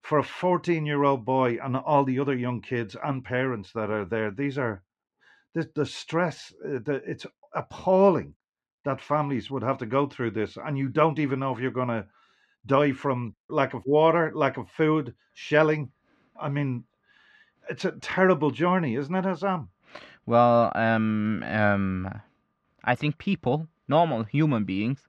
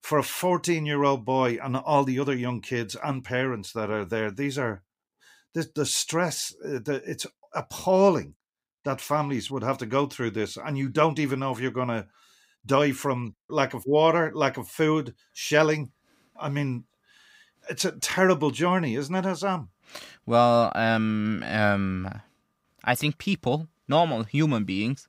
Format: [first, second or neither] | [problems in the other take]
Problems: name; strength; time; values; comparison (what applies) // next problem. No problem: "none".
second | muffled; slightly; fading above 2.5 kHz